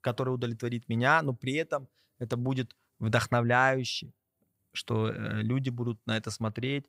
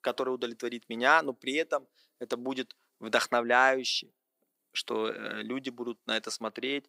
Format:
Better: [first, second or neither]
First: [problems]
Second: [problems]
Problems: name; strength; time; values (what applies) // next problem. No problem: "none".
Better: first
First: none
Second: thin; somewhat; fading below 300 Hz